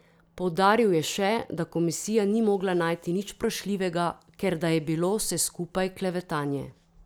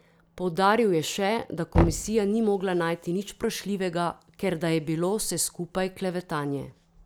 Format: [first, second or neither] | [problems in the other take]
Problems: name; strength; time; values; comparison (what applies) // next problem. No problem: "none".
first | background sound (Knock); 7 dB below the speech